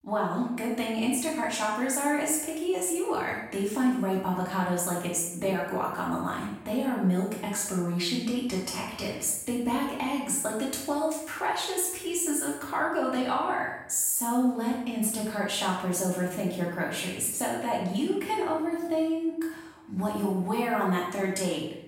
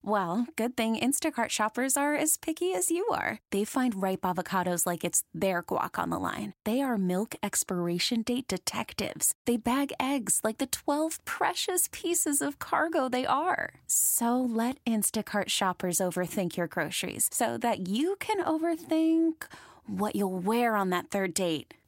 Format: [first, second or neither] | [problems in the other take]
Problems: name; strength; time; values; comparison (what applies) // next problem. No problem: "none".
second | room echo; noticeable; dies away in 0.7 s // off-mic speech; far